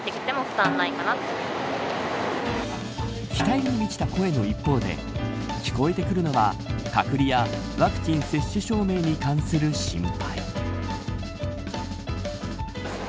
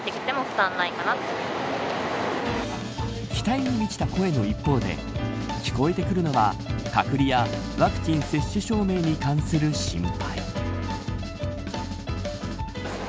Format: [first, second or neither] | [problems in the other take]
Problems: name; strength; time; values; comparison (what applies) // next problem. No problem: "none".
second | background sound (Snare drum); 10 dB below the speech